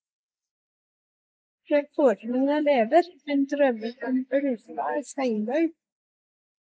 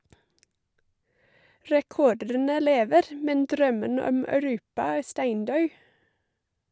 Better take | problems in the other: second | noise reduction (neural mask model Resemble Enhance denoiser)

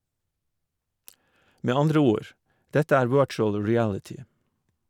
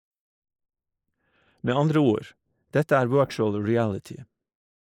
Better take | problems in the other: first | noise reduction (neural mask model Resemble Enhance denoiser)

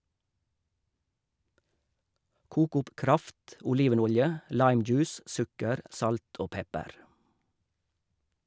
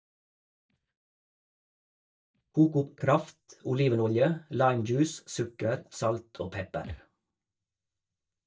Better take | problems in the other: first | noise reduction (neural mask model DeepFilterNet 3)

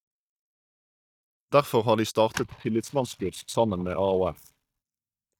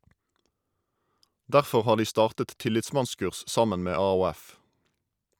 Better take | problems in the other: second | noise reduction (neural mask model DeepFilterNet 3)

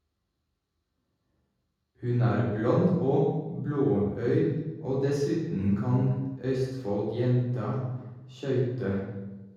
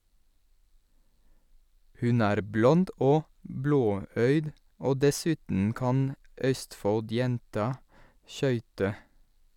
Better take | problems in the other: second | room echo; dies away in 1.3 s

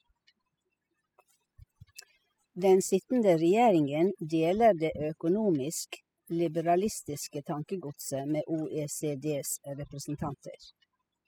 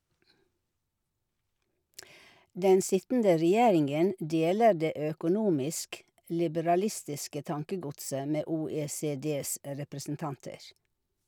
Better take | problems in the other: second | noise reduction (classical method spectral subtraction)

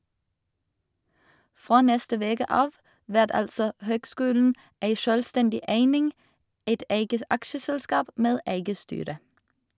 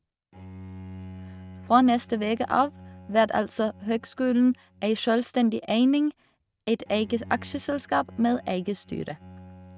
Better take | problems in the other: first | noise reduction (neural mask model RNNoise)

